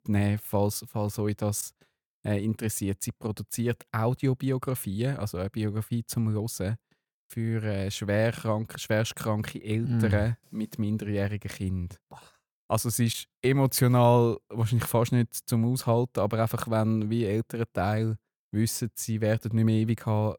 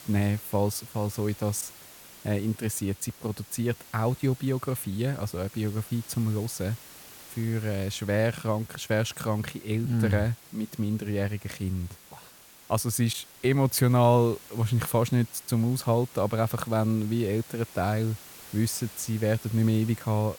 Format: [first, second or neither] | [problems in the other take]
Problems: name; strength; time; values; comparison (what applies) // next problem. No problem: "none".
first | hiss; noticeable; throughout; 20 dB below the speech